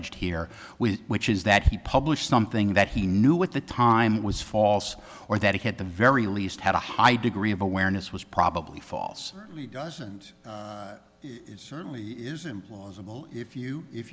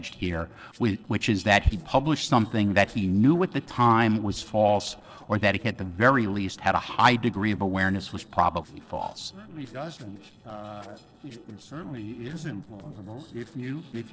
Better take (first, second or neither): first